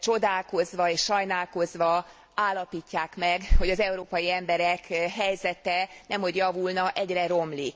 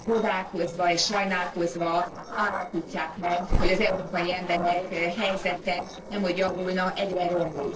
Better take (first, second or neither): first